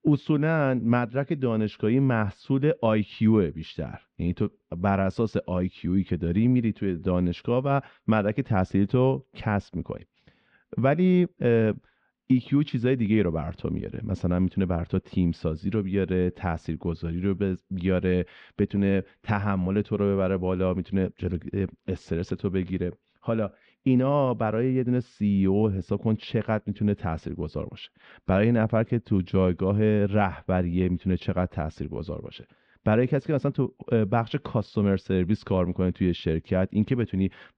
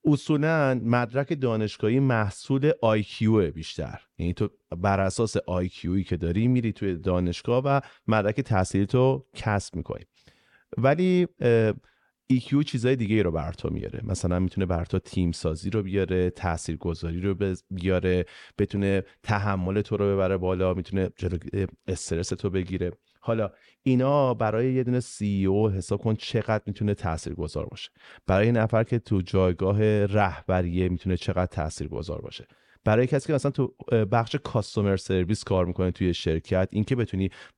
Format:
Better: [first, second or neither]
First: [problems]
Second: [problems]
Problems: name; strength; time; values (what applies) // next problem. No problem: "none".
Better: second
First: muffled; slightly; fading above 3.5 kHz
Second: none